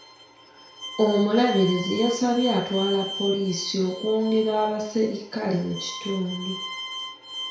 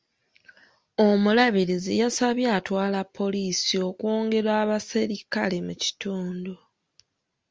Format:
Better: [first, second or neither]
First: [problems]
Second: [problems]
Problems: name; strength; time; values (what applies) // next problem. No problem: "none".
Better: second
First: background sound (Bowed string instrument); 12 dB below the speech // room echo; dies away in 0.6 s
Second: none